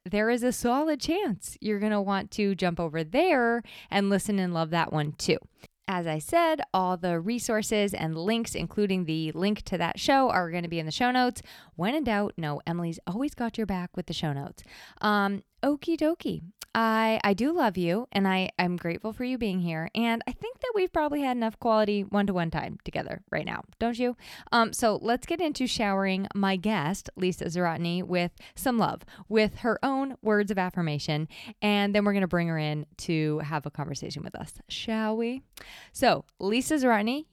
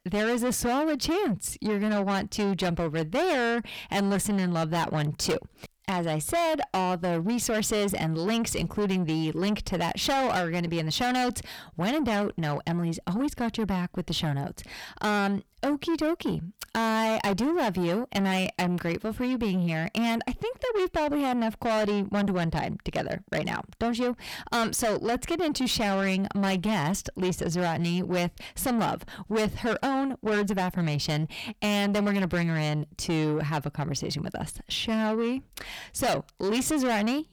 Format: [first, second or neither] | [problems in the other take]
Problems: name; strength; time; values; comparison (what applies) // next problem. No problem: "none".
first | distortion; heavy; 7 dB below the speech